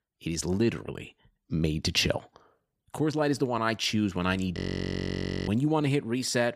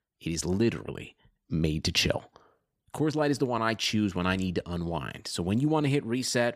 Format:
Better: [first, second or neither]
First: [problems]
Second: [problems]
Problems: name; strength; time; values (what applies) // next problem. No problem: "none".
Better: second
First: audio freezing; at 4.5 s for 1 s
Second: none